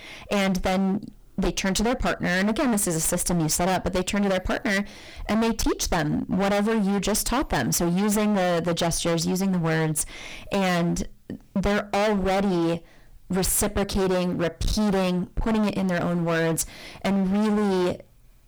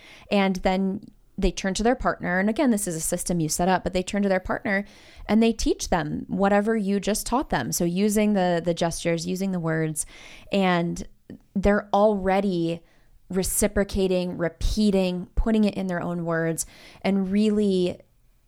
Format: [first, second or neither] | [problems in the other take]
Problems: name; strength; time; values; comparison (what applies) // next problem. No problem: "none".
second | distortion; heavy; 31% of the sound clipped